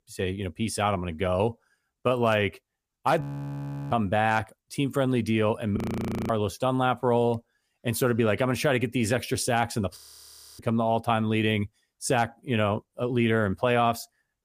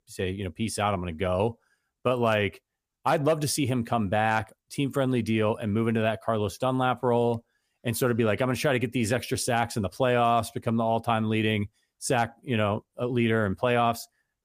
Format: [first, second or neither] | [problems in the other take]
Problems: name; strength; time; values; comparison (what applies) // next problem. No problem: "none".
second | audio freezing; at 3 s for 0.5 s, at 6 s for 0.5 s and at 10 s for 0.5 s